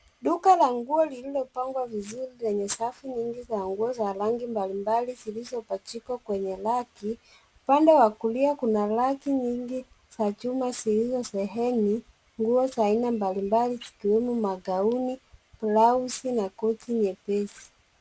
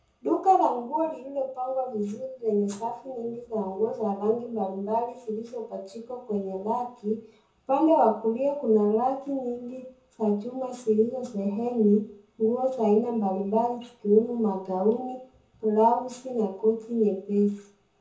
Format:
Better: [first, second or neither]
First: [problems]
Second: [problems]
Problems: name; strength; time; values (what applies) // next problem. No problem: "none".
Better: first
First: none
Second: room echo; dies away in 0.5 s